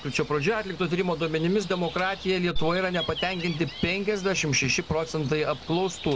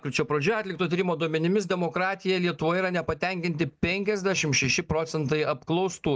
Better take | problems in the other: second | background sound (Gull, seagull); 10 dB below the speech

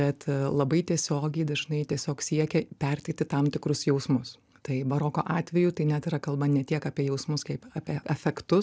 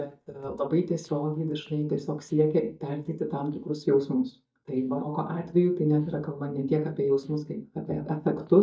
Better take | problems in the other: first | noise reduction (neural mask model DeepFilterNet 3)

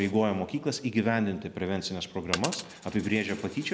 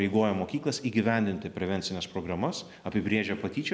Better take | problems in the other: second | background sound (Coin (dropping)); 13 dB below the speech

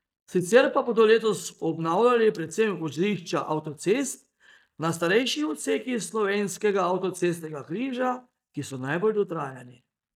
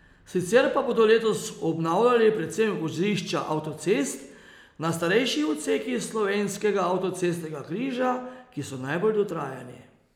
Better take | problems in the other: second | noise reduction (neural mask model DeepFilterNet 3)

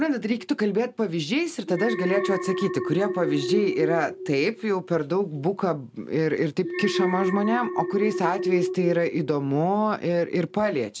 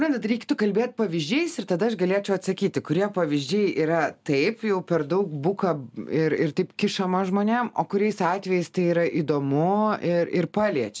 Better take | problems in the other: second | background sound (Alarm); 6 dB below the speech

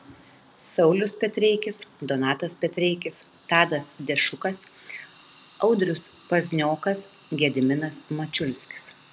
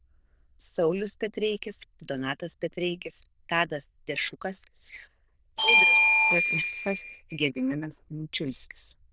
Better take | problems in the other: first | noise reduction (neural diffusion model UNIVERSE++)

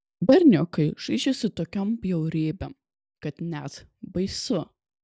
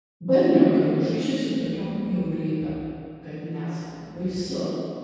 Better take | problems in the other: first | room echo; dies away in 2.2 s

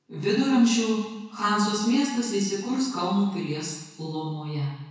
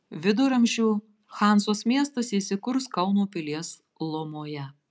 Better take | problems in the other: second | room echo; dies away in 1 s

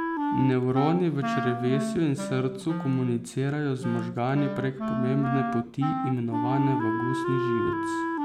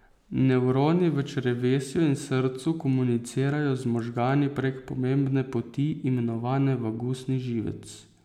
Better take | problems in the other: second | background sound (Wind instrument, woodwind instrument); 3 dB below the speech

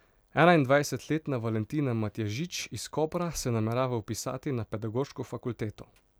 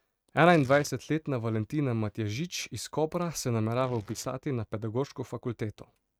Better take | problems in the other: first | noise reduction (neural mask model RNNoise)

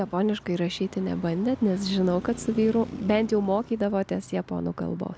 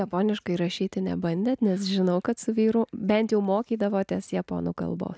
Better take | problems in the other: second | background sound (Traffic noise, roadway noise); 17 dB below the speech

